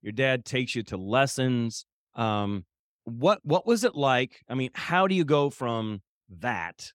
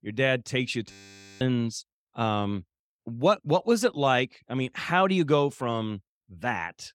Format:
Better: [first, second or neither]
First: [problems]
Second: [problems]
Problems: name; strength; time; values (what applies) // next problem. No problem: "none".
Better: first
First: none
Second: audio freezing; at 1 s